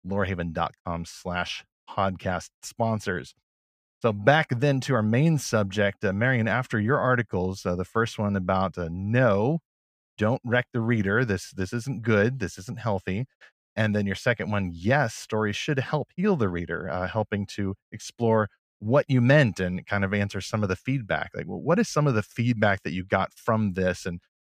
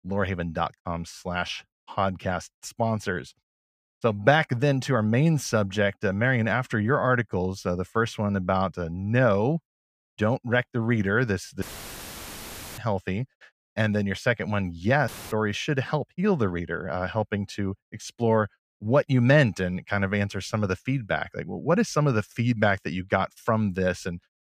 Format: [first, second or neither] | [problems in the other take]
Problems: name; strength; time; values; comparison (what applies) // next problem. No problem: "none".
first | audio cutting out; filled with static; at 12 s for 1 s and at 15 s